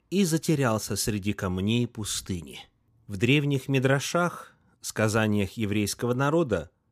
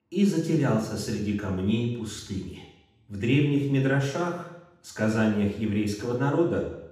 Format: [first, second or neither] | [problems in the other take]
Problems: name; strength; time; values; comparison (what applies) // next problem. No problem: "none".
first | room echo; noticeable; dies away in 0.8 s // off-mic speech; far